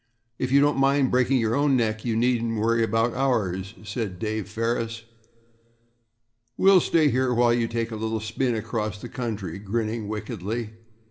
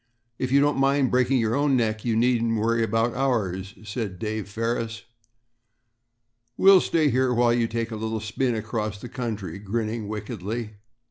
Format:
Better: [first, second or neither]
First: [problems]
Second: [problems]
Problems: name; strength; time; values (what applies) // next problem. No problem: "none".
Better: second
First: room echo; dies away in 0.4 s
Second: none